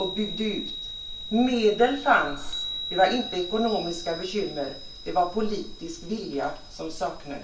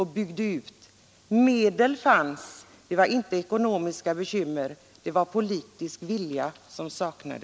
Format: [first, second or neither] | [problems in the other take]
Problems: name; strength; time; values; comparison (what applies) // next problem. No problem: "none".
second | background sound (Chime); 9 dB below the speech // room echo; dies away in 0.4 s